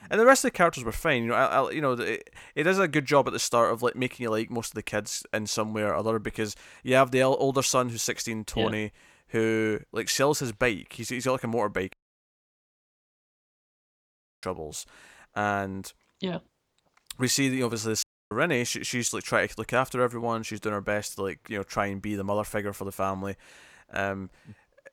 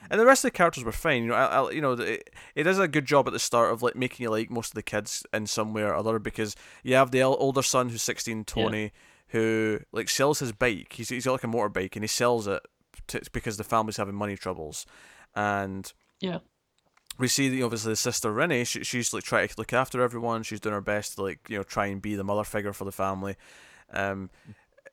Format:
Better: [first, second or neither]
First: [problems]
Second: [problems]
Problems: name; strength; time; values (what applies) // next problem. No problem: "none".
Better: second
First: audio cutting out; at 12 s for 2.5 s and at 18 s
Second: none